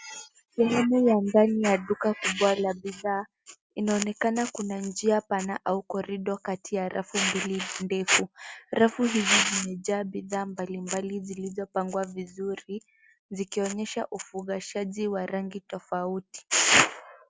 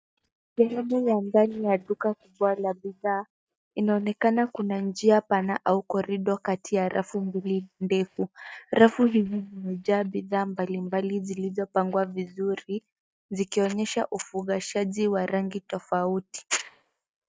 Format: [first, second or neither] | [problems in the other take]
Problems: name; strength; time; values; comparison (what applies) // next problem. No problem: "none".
first | noise reduction (neural mask model DeepFilterNet 3)